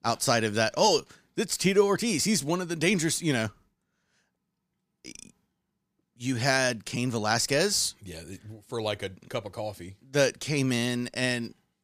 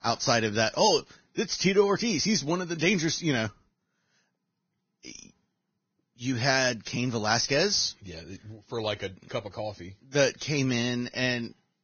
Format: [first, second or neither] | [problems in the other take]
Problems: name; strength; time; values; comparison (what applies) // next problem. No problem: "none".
first | garbled, watery; badly; nothing above 6.5 kHz